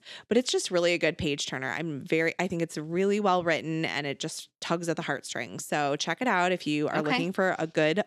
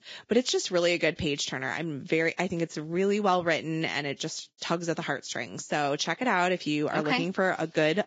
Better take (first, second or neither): first